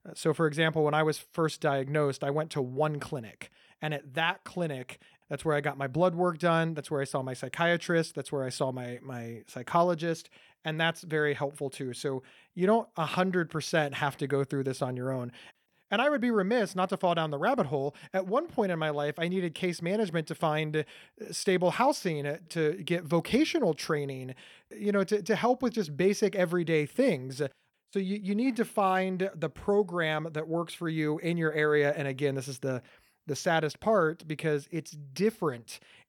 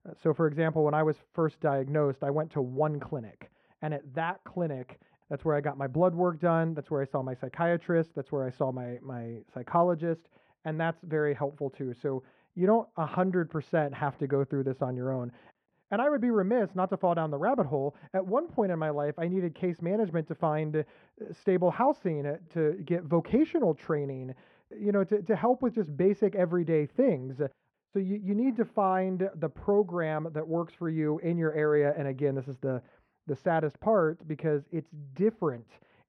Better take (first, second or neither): first